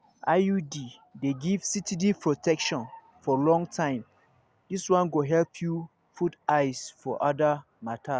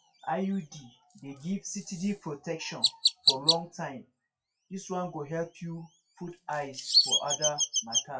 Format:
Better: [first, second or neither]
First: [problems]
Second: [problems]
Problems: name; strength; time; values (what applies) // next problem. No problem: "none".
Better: first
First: none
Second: noise reduction (classical method WPE with log-MMSE)